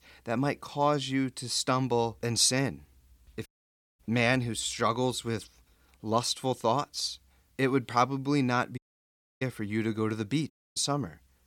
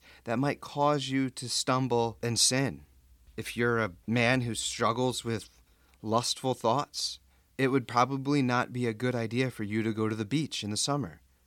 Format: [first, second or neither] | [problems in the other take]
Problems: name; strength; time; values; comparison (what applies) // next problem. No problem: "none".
second | audio cutting out; at 3.5 s for 0.5 s, at 9 s for 0.5 s and at 11 s